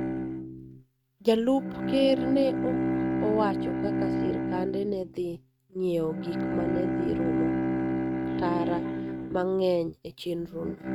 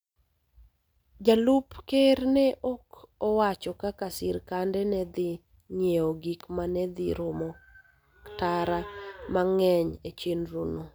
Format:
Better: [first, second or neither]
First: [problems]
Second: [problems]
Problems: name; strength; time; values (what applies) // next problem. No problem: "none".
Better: second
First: noise reduction (neural mask model RNNoise)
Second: none